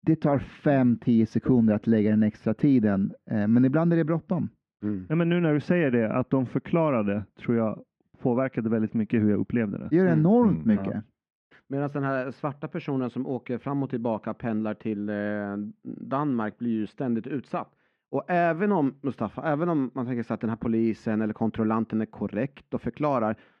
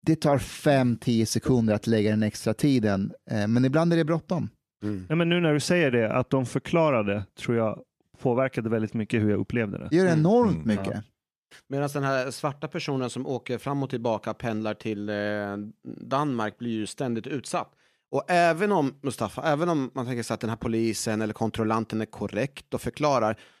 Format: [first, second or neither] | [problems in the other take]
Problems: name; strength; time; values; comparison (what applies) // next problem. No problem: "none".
second | muffled; very; fading above 2 kHz